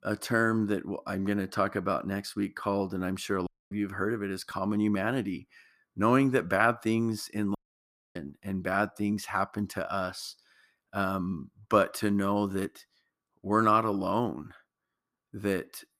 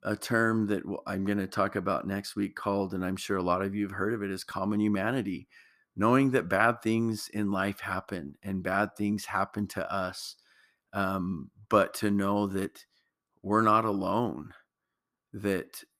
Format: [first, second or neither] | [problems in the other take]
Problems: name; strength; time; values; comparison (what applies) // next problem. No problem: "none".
second | audio cutting out; at 3.5 s and at 7.5 s for 0.5 s